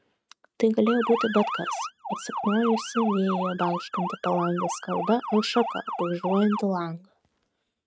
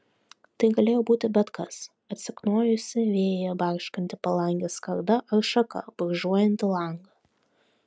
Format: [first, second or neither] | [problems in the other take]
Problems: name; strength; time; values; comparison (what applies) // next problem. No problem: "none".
second | noise reduction (neural mask model RNNoise)